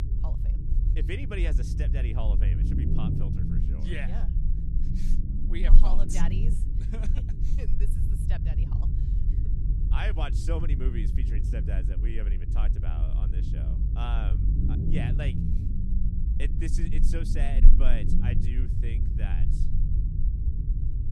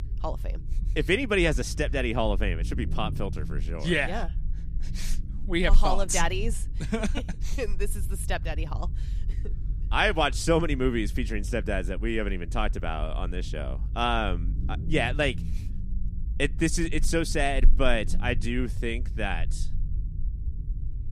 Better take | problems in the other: second | low rumble; loud; throughout; 3 dB below the speech; faint in the second

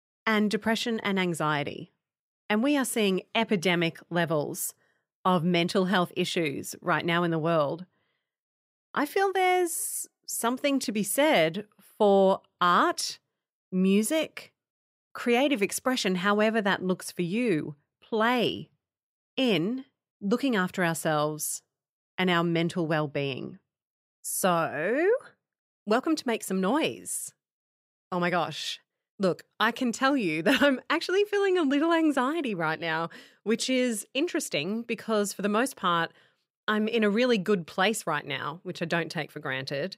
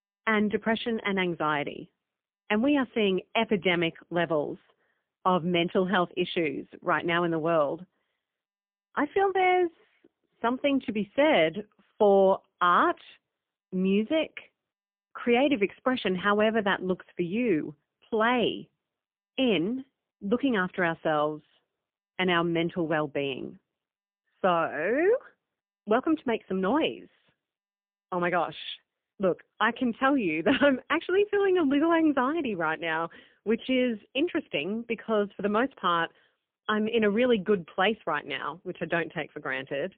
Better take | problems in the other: first | phone-call audio; poor line; nothing above 3 kHz

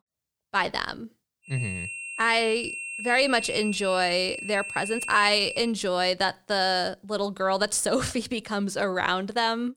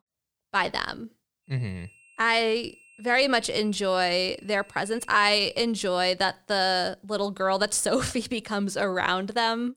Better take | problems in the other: second | high-pitched whine; loud; from 1.5 to 5.5 s; 2.5 kHz, 7 dB below the speech; faint in the second

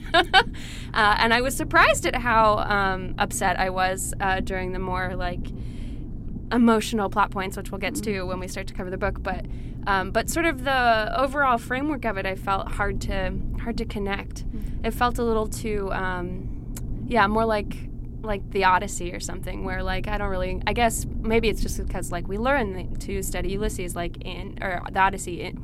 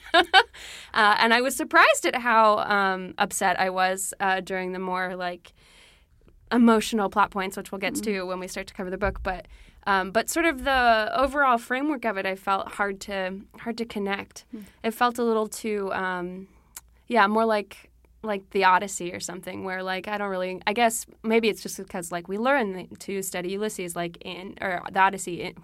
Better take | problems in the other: second | low rumble; faint; throughout; 20 dB below the speech

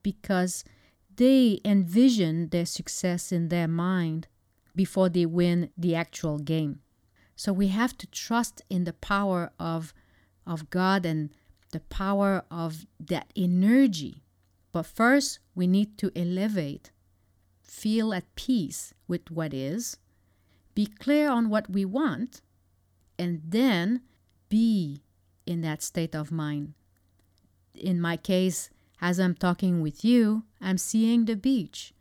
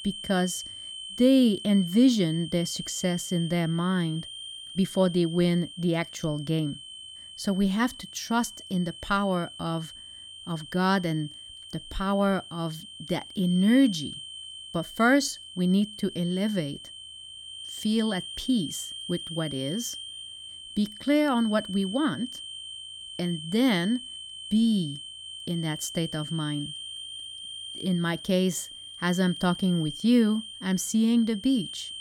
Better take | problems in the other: first | high-pitched whine; noticeable; throughout; 3 kHz, 10 dB below the speech

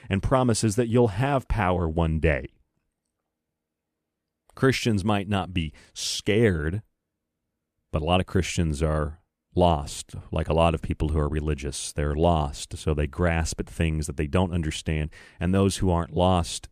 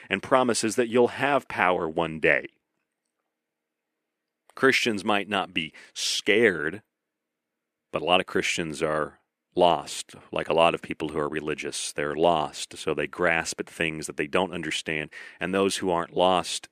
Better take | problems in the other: first | thin; somewhat; fading below 300 Hz

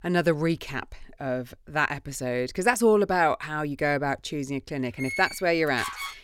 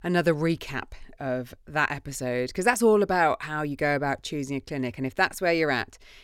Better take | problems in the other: second | door banging; noticeable; from 5 s on; peak 6 dB below the speech

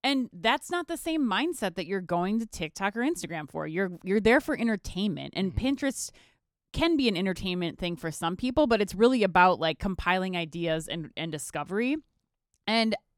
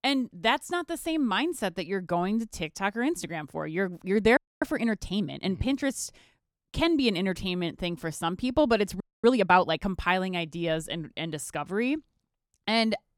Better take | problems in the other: first | audio freezing; at 4.5 s and at 9 s

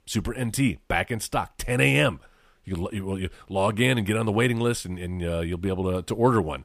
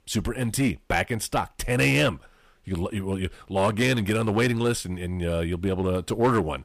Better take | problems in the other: first | distortion; slight; 5% of the sound clipped

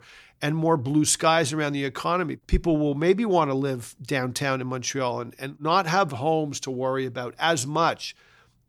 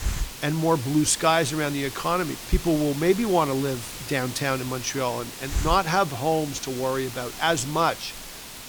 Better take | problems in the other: first | hiss; noticeable; throughout; 10 dB below the speech

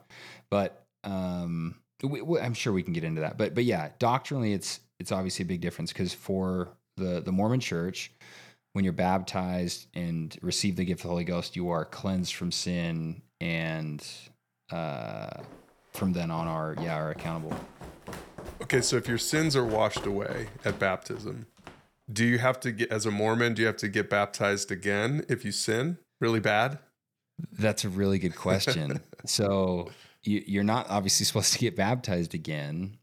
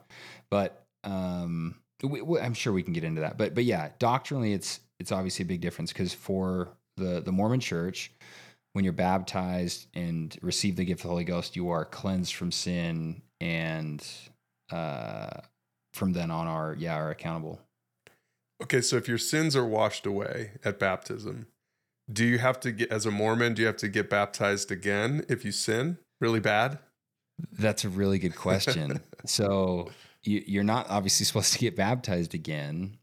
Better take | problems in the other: second | footsteps; faint; from 15 to 22 s; peak 10 dB below the speech

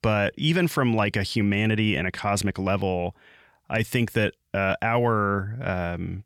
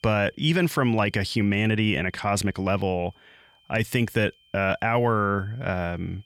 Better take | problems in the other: first | high-pitched whine; faint; throughout; 3 kHz, 35 dB below the speech

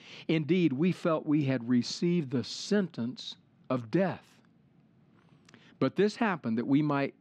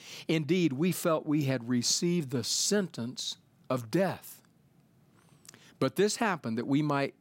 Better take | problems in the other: second | muffled; slightly; fading above 3 kHz

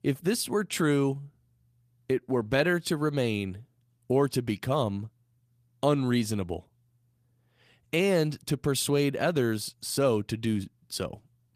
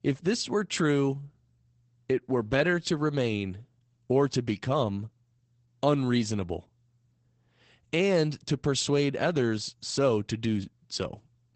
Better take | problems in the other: first | garbled, watery; badly; nothing above 8 kHz; slightly in the first

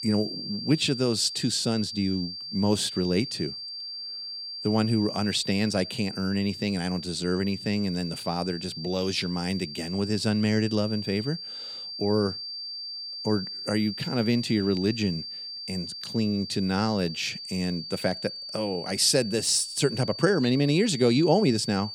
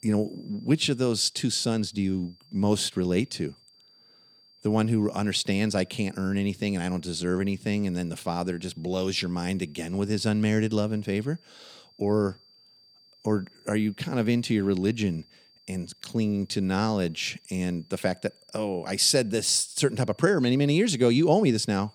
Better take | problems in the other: second | high-pitched whine; loud; throughout; 4.5 kHz, 8 dB below the speech; faint in the second

